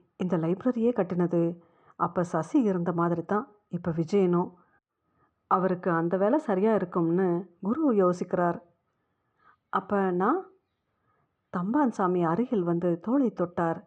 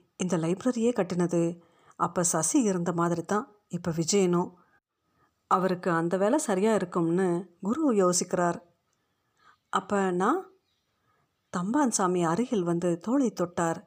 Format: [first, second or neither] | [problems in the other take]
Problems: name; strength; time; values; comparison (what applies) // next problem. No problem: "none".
second | muffled; very; fading above 1.5 kHz